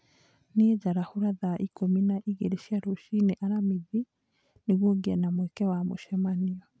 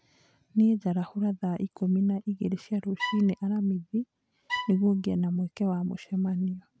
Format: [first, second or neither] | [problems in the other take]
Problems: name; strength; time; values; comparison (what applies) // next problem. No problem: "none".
first | background sound (Bowed string instrument); 9 dB below the speech